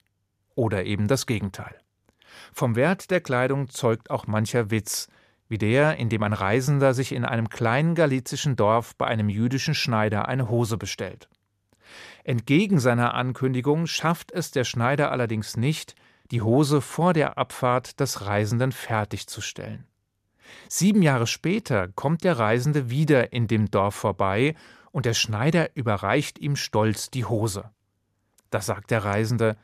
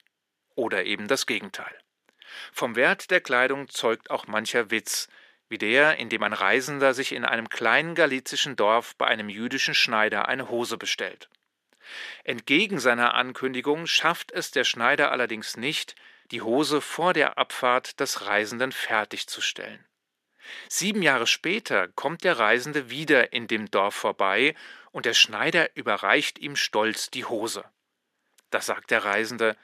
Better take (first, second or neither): first